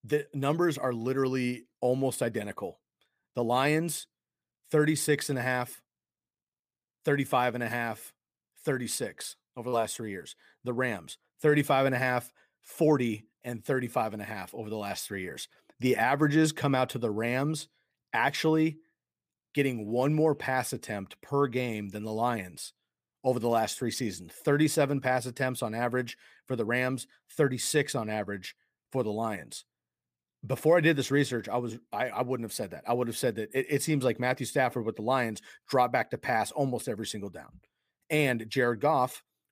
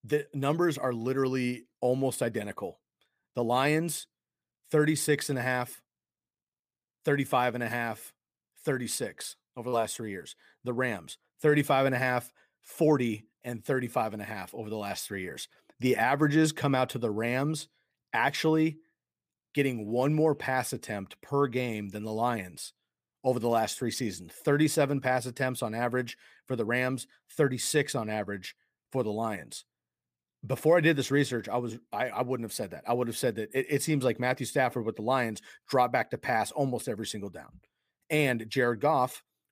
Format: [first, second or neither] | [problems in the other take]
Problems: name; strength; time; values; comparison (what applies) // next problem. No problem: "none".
neither | none